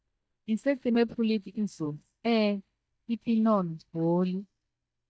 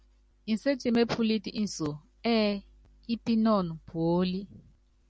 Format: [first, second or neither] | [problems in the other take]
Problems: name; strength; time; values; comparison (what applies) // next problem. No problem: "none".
second | noise reduction (neural mask model DeepFilterNet 3)